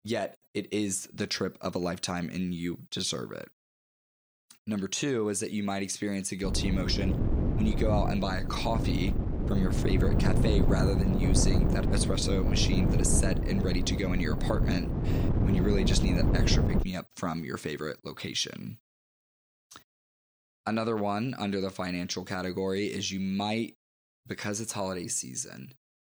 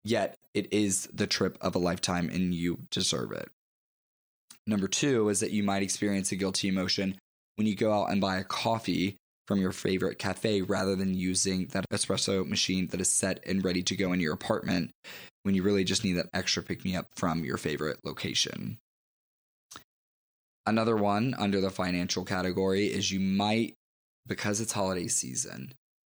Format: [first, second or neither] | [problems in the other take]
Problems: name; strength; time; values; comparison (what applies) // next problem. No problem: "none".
second | wind noise on the microphone; heavy; from 6.5 to 17 s; 3 dB below the speech